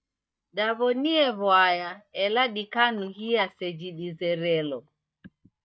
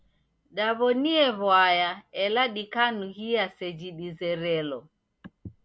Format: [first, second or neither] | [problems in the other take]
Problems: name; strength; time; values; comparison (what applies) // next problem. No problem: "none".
second | noise reduction (neural mask model DeepFilterNet 3)